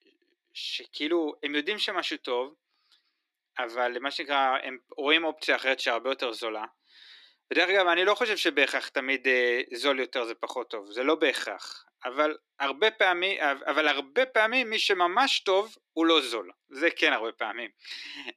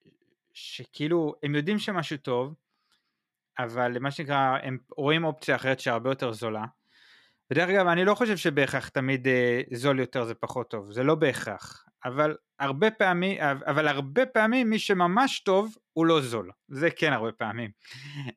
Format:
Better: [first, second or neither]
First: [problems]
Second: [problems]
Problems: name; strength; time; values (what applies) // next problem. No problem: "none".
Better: second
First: thin; somewhat; fading below 300 Hz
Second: none